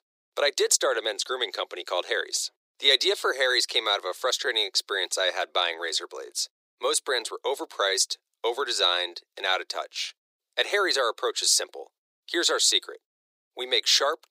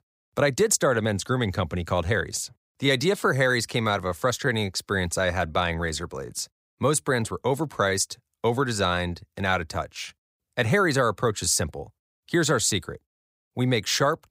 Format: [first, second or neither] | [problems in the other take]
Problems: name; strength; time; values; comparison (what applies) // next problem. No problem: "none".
second | thin; very; fading below 350 Hz